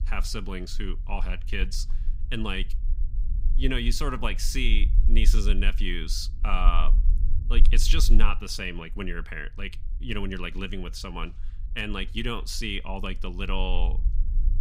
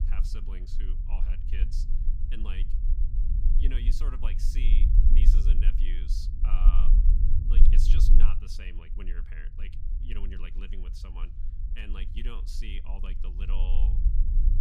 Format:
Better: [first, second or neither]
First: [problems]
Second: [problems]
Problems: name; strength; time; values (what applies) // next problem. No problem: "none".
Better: first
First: low rumble; faint; throughout; 20 dB below the speech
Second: low rumble; loud; throughout; 5 dB below the speech